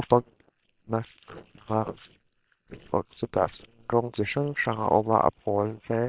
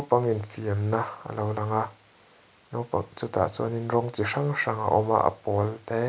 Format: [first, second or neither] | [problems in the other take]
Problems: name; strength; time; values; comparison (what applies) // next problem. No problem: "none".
second | noise reduction (neural separator model SepFormer WHAM!)